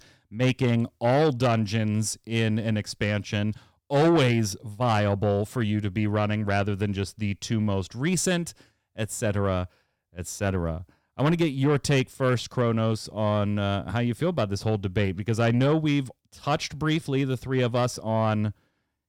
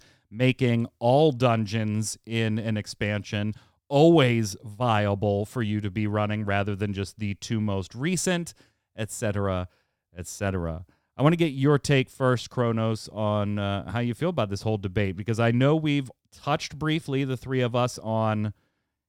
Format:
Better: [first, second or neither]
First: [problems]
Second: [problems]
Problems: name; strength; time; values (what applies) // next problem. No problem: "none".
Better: second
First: distortion; slight; 10 dB below the speech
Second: none